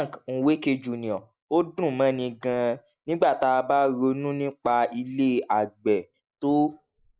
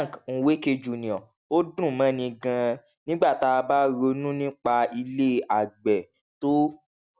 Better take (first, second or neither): second